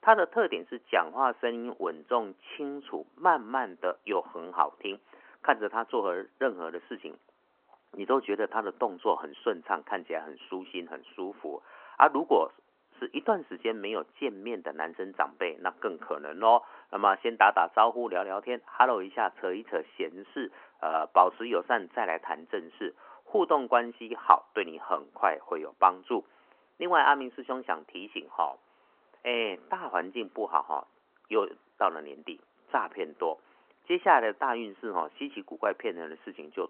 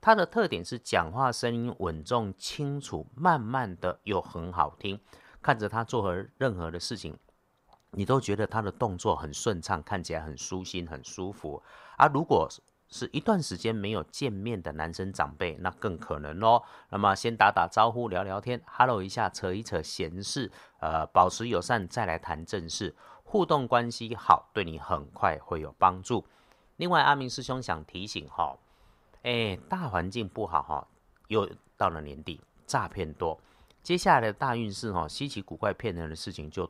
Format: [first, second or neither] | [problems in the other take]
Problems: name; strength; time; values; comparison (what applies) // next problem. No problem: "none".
second | phone-call audio